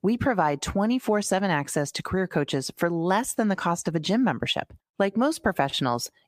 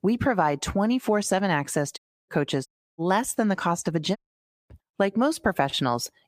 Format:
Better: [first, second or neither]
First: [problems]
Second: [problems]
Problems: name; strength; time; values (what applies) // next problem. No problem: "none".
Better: first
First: none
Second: audio cutting out; at 2 s, at 2.5 s and at 4 s for 0.5 s